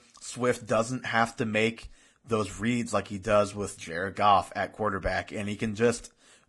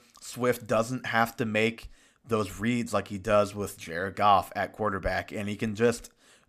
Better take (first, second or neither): second